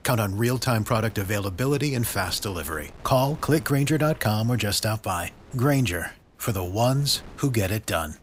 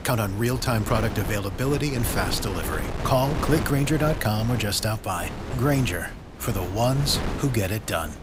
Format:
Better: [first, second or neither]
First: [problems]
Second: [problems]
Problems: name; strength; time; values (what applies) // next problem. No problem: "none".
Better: first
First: wind noise on the microphone; occasional gusts; 25 dB below the speech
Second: wind noise on the microphone; heavy; 8 dB below the speech